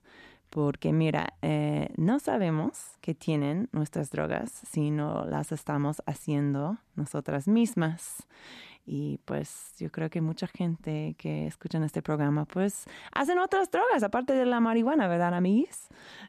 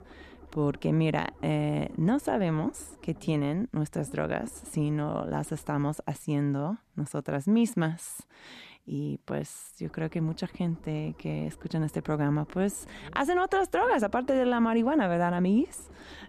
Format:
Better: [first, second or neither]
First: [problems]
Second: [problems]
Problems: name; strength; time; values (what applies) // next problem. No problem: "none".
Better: first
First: none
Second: low rumble; faint; until 6 s and from 10 s on; 25 dB below the speech